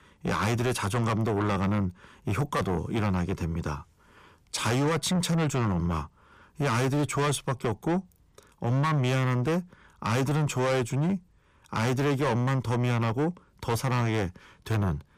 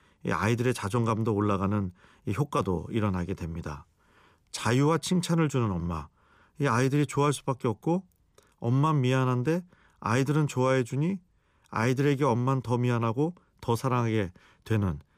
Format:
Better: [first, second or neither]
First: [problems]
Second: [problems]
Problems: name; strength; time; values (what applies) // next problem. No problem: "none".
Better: second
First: distortion; heavy; 7 dB below the speech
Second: none